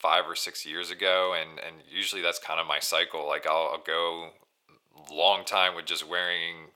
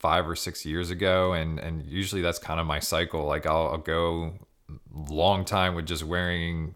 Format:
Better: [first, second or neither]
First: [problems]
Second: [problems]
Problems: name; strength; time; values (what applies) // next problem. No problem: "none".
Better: second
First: thin; very; fading below 600 Hz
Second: none